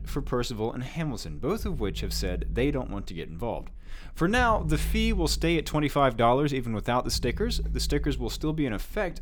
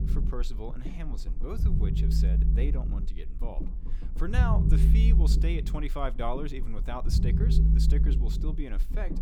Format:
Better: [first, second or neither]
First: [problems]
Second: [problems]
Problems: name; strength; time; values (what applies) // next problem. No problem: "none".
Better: first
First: low rumble; faint; throughout; 25 dB below the speech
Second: low rumble; loud; throughout; 3 dB below the speech